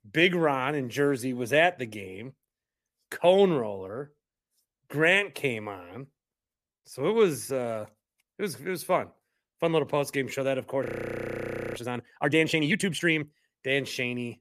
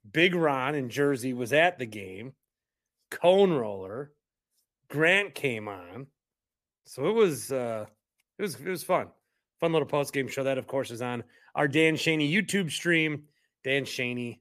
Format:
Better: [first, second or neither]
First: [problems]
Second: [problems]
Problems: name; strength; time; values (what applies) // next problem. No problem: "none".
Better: second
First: audio freezing; at 11 s for 1 s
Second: none